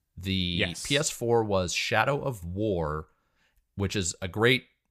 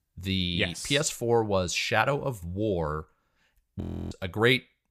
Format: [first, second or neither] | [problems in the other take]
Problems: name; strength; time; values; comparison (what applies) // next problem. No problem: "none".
first | audio freezing; at 4 s